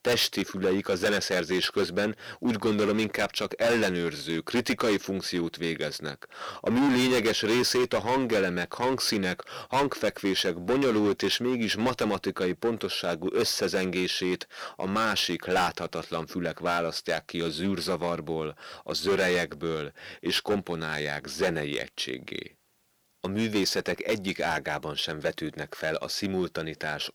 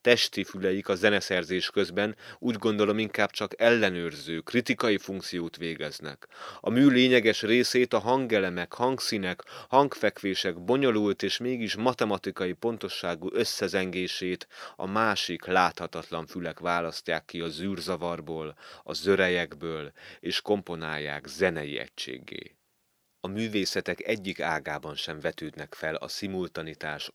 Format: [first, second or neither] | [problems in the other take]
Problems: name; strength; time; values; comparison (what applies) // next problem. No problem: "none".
second | distortion; heavy; 9% of the sound clipped